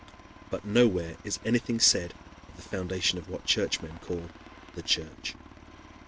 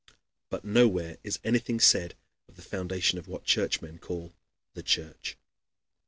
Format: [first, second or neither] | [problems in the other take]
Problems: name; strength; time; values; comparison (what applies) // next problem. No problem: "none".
second | background sound (Aircraft); 18 dB below the speech